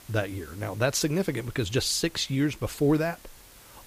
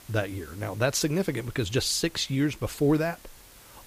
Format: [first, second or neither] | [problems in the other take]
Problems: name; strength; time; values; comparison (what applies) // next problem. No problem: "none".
neither | hiss; faint; throughout; 25 dB below the speech; the same in both